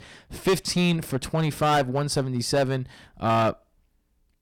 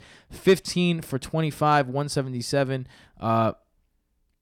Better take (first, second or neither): second